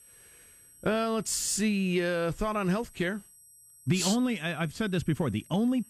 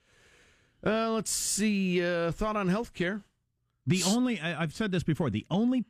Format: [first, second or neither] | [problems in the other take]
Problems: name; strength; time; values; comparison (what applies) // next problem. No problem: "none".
second | high-pitched whine; faint; throughout; 8 kHz, 25 dB below the speech